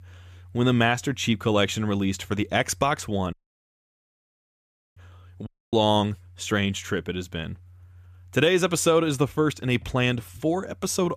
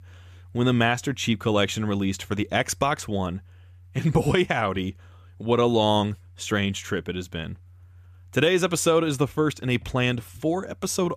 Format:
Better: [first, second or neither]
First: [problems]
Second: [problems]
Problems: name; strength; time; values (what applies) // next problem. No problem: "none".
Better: second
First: audio cutting out; at 3.5 s for 1.5 s and at 5.5 s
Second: none